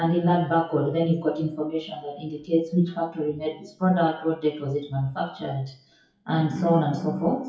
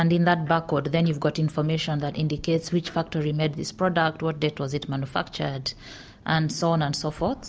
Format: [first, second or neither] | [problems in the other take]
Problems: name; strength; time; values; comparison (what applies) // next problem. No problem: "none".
second | noise reduction (classical method WPE with log-MMSE)